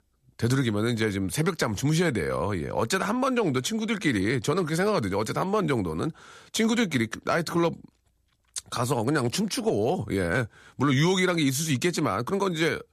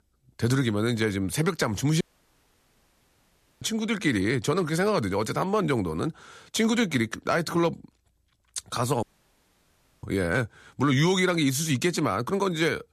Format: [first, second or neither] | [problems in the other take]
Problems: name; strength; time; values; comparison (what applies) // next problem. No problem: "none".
first | audio cutting out; at 2 s for 1.5 s and at 9 s for 1 s